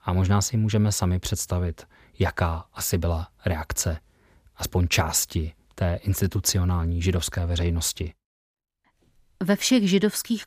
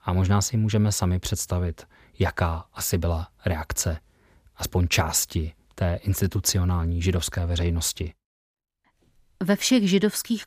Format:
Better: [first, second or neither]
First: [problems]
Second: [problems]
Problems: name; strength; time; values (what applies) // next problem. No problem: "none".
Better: neither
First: none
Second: none